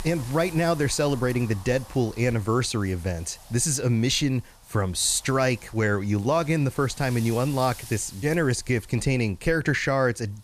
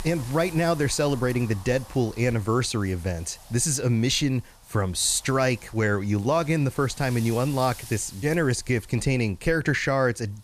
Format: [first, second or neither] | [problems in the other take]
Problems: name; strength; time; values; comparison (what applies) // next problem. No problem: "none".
neither | wind noise on the microphone; occasional gusts; 20 dB below the speech; the same in both